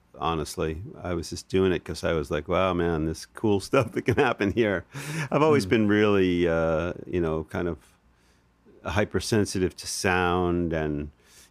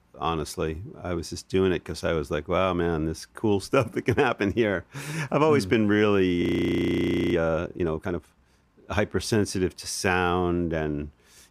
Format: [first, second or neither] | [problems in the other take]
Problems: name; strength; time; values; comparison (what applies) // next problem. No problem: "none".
first | audio freezing; at 6.5 s for 1 s